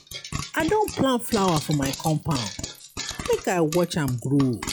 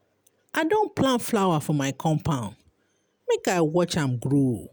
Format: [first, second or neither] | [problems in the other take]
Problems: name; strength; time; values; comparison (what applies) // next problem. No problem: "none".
second | noise reduction (classical method log-MMSE)